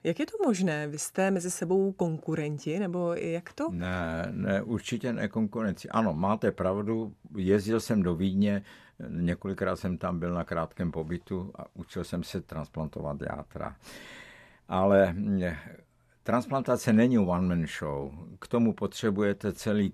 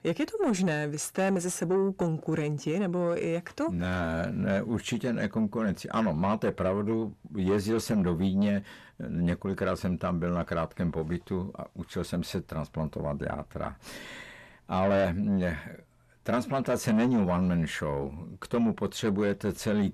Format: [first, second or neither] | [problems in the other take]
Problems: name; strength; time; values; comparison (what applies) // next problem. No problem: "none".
first | distortion; slight; 10 dB below the speech